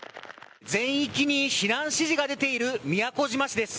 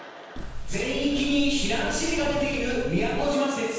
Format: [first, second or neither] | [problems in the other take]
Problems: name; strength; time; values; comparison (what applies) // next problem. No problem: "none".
first | background sound (Walk, footsteps); 5 dB below the speech // room echo; dies away in 1.2 s